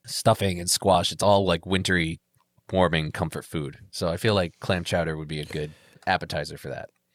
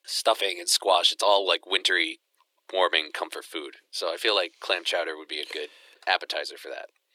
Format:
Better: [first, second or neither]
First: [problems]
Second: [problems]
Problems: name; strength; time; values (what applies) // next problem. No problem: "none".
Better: first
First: none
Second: thin; very; fading below 350 Hz